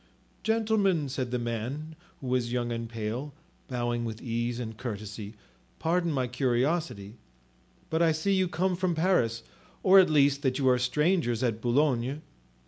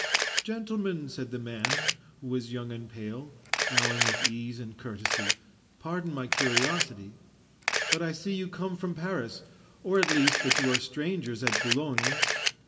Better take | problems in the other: first | background sound (Camera); 1 dB above the speech // room echo; dies away in 1.4 s

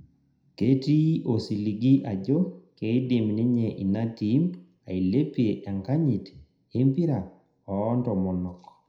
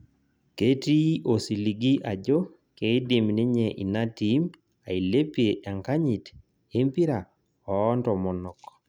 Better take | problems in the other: second | room echo; dies away in 0.5 s

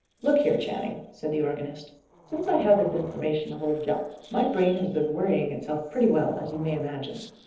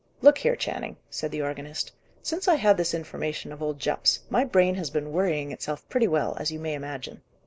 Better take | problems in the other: second | noise reduction (neural separator model SepFormer DNS4)

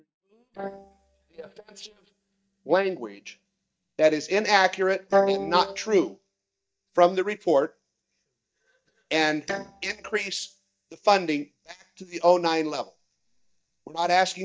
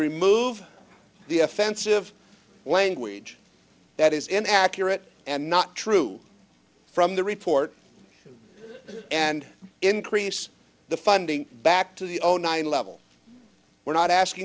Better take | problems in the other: second | noise reduction (neural mask model DeepFilterNet 3)

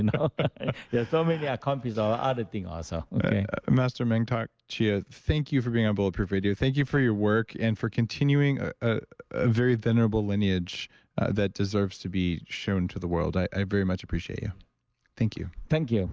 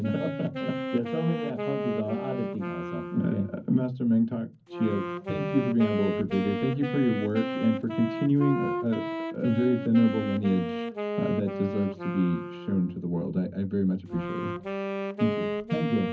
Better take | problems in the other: first | background sound (Wind instrument, woodwind instrument); 5 dB below the speech // room echo; dies away in 0.4 s

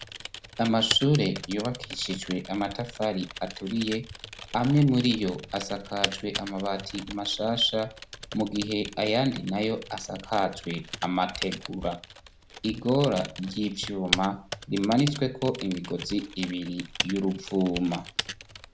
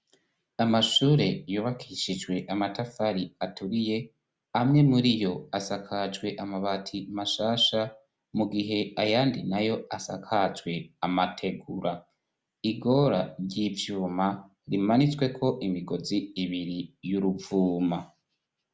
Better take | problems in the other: second | background sound (Typing); 10 dB below the speech

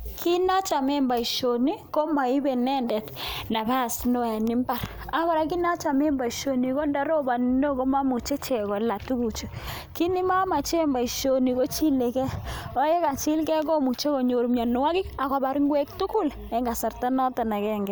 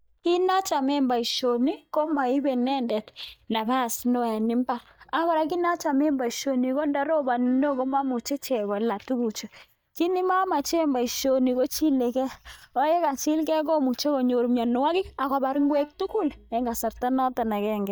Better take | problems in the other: first | noise reduction (neural mask model DeepFilterNet 3)

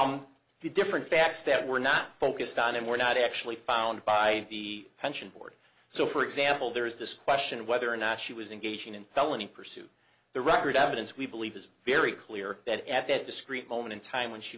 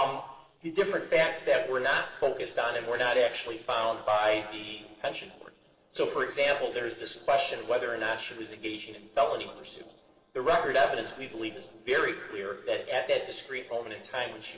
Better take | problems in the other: first | noise reduction (neural separator model SepFormer DNS4)

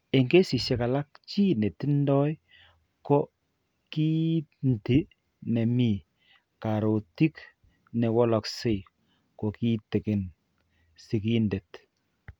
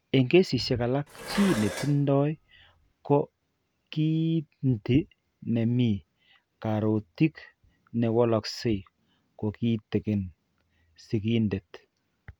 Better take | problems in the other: first | background sound (Dishes, pots, and pans); 11 dB below the speech

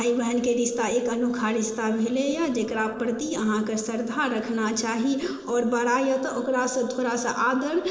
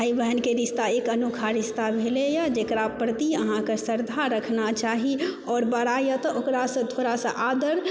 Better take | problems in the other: second | noise reduction (neural separator model SepFormer DNS4)

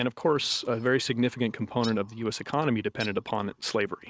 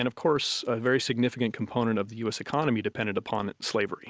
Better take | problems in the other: second | noise reduction (neural mask model RNNoise)

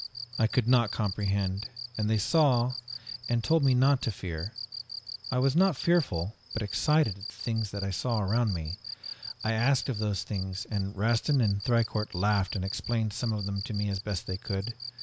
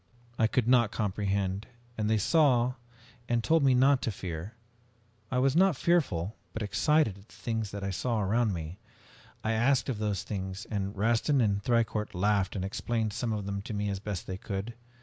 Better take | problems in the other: second | background sound (Cricket); 12 dB below the speech

